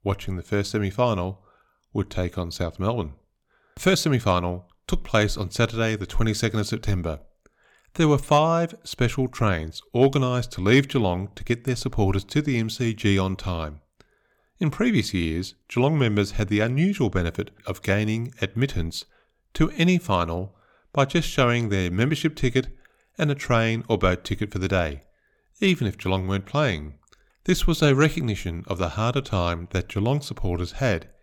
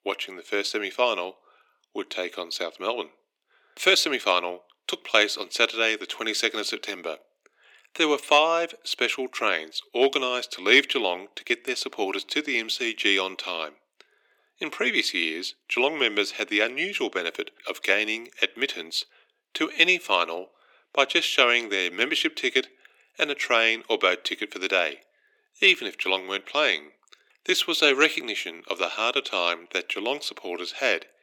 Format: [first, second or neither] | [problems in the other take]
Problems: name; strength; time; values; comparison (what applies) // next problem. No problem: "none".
first | thin; very; fading below 300 Hz